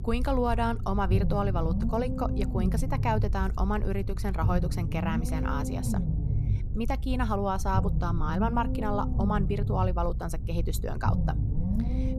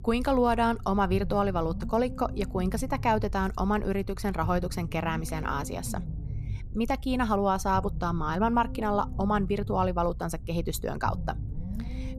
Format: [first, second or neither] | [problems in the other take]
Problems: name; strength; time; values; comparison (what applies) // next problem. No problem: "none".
second | low rumble; loud; throughout; 10 dB below the speech; faint in the second